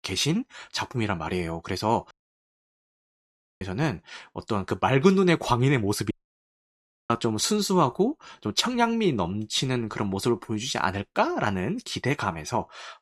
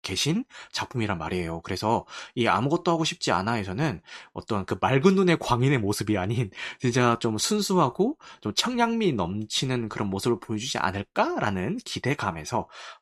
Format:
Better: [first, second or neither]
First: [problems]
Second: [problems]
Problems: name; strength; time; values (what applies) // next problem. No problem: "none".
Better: second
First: audio cutting out; at 2 s for 1.5 s and at 6 s for 1 s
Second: none